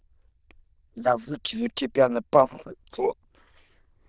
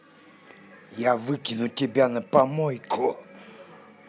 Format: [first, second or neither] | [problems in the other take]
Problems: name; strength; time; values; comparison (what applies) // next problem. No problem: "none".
second | noise reduction (neural diffusion model UNIVERSE++)